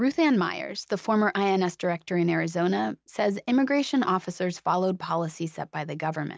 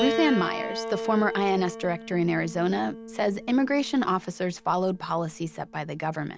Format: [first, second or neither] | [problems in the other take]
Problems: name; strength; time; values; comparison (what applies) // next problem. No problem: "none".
first | background sound (Piano); 9 dB below the speech